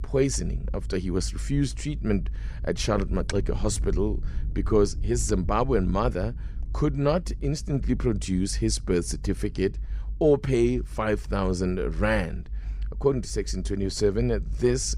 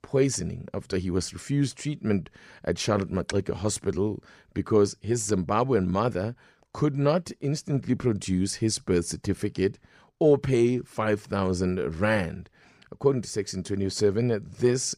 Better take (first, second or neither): second